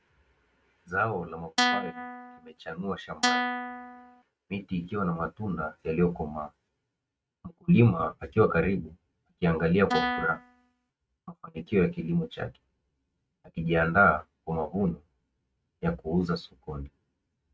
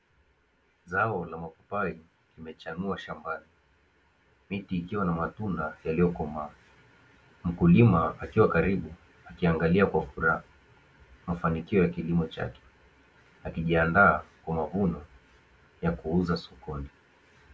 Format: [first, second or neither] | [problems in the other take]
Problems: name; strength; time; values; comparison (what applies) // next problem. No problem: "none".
second | noise reduction (neural mask model RNNoise)